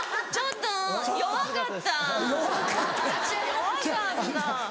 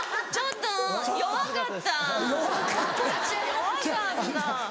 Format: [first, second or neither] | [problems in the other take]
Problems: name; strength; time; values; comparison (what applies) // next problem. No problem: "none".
first | background sound (Cowbell); 16 dB below the speech